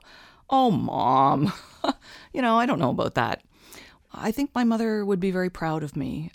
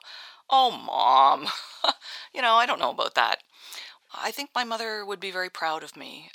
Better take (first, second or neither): first